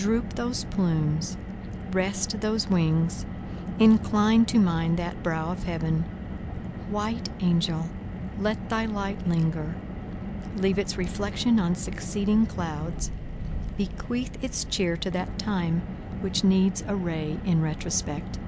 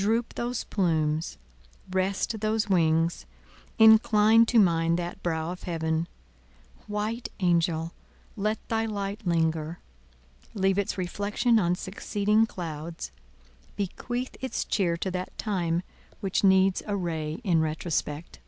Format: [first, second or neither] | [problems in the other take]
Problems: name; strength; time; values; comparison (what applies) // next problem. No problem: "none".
second | background sound (Car); 7 dB below the speech